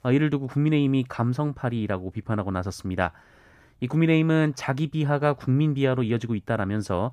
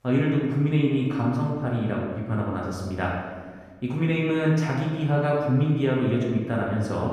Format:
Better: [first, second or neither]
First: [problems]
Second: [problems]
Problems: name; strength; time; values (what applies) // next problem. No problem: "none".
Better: first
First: none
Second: room echo; noticeable; dies away in 1.2 s // off-mic speech; far